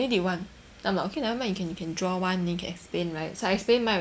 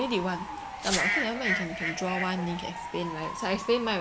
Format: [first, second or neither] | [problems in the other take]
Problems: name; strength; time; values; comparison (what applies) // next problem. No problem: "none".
first | background sound (Bird / Fowl + Glass); 2 dB below the speech